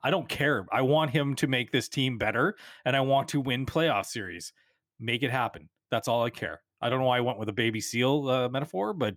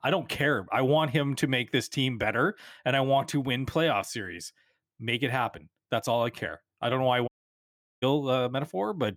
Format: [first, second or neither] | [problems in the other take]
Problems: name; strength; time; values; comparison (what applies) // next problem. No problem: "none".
first | audio cutting out; at 7.5 s for 0.5 s